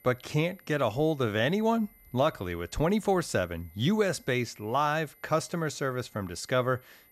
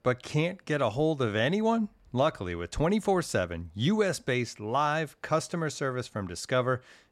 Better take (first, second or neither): second